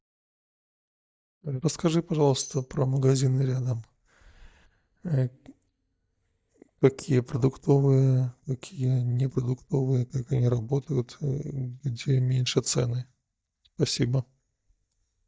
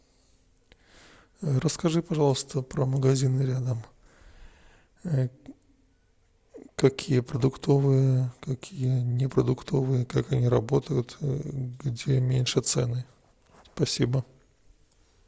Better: second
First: noise reduction (neural mask model DeepFilterNet 3)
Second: none

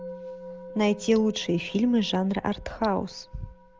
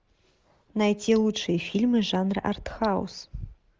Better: second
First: background sound (Musical instrument); 17 dB below the speech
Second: none

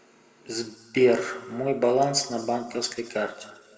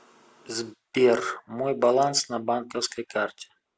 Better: second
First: room echo; dies away in 1.6 s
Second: none

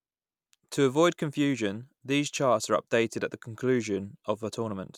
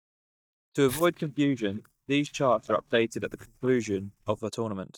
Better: first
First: none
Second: noise reduction (neural mask model DeepFilterNet 3)

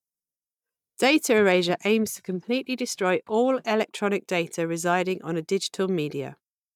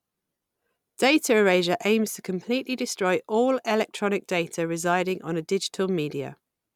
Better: second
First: noise reduction (neural mask model DeepFilterNet 3)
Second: none

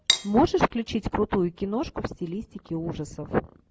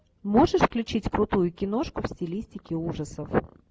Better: second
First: background sound (Cutlery, silverware); 1 dB below the speech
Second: none

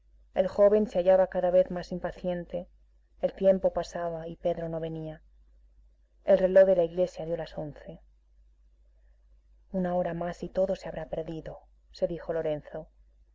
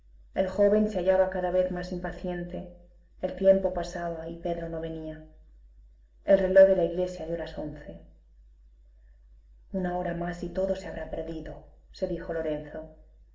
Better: first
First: none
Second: room echo; dies away in 0.5 s

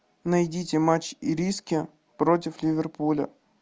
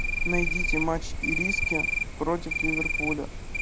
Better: first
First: none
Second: background sound (Cricket); 4 dB above the speech

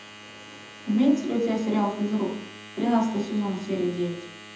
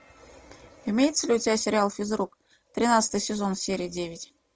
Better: second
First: background sound (Domestic sounds, home sounds); 18 dB below the speech // room echo; dies away in 0.8 s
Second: none

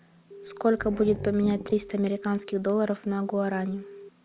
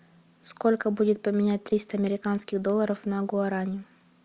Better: second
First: background sound (Growling + Telephone); 14 dB below the speech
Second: none

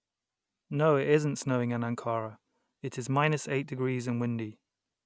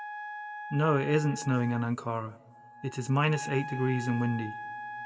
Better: first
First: none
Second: background sound (Wind instrument, woodwind instrument); 11 dB below the speech // room echo; dies away in 1.1 s

